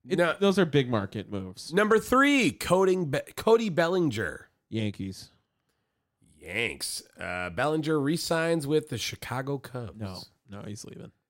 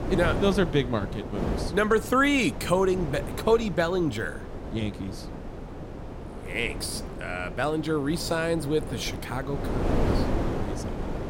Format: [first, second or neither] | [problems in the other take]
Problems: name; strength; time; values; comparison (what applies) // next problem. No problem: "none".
first | wind noise on the microphone; heavy; 10 dB below the speech